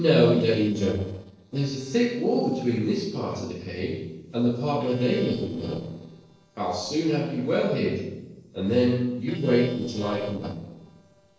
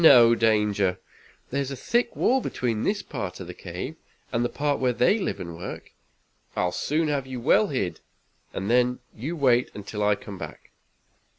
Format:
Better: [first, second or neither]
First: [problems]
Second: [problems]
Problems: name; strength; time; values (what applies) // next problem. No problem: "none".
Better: second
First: noise reduction (neural separator model SepFormer DNS4)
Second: none